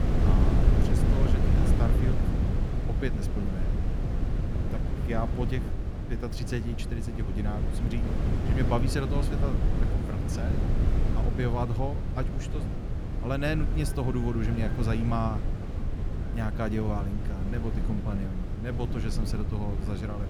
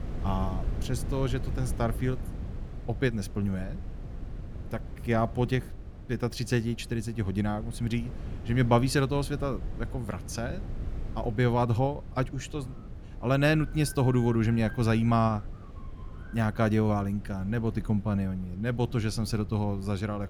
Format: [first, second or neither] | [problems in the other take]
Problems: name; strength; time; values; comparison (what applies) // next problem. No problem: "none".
second | wind noise on the microphone; heavy; 2 dB below the speech; occasional gusts in the second